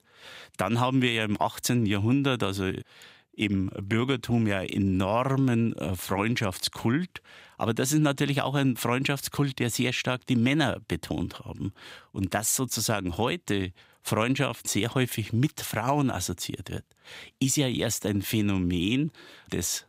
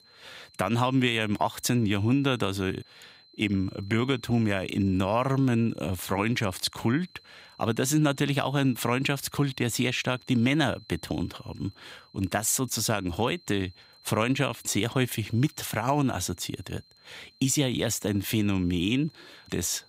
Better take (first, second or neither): first